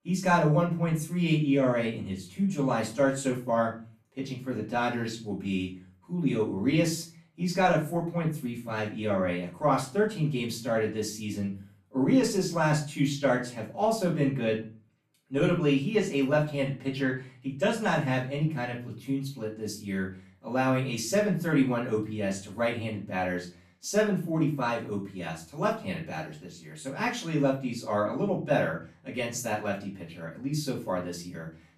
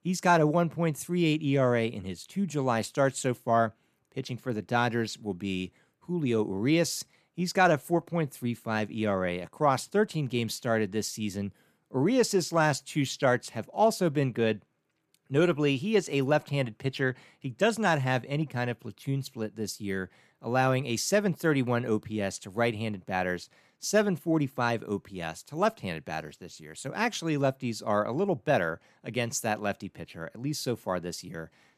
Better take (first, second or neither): second